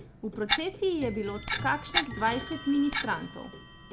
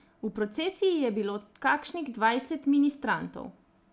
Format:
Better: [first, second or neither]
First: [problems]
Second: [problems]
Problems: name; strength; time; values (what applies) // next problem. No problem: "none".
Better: second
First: background sound (Clock + Clock); 4 dB below the speech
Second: none